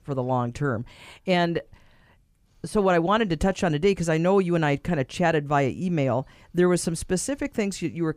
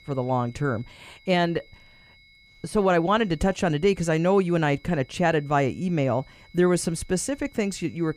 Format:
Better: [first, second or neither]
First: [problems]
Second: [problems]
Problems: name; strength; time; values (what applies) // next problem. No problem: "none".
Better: first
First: none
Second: high-pitched whine; faint; throughout; 2 kHz, 30 dB below the speech